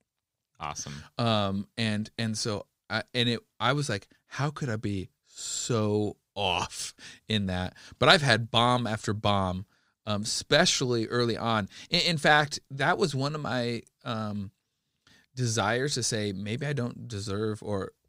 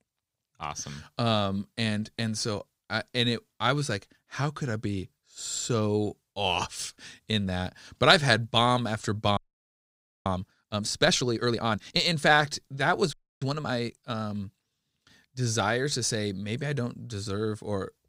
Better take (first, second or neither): first